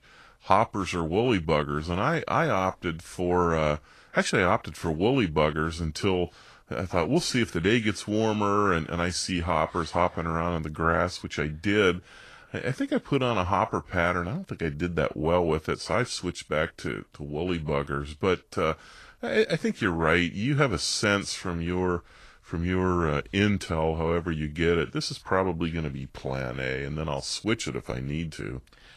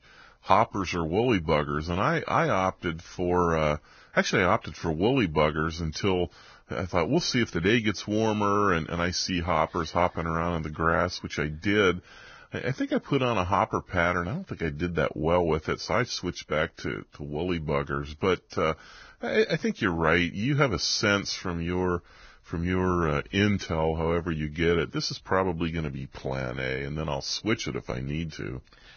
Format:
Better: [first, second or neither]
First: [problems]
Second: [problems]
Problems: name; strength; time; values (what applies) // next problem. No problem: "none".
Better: first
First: garbled, watery; slightly; nothing above 12.5 kHz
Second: garbled, watery; badly; nothing above 6.5 kHz